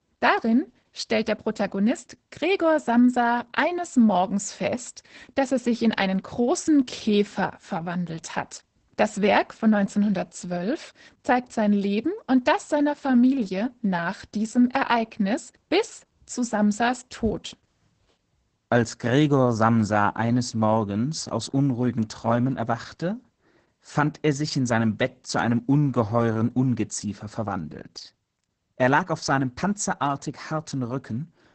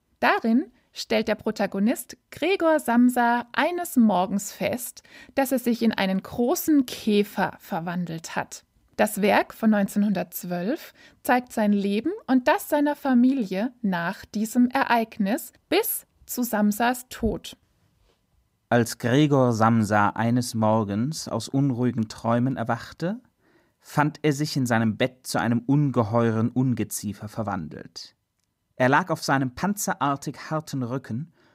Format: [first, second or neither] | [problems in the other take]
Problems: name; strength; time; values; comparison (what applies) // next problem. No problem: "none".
second | garbled, watery; badly; nothing above 8 kHz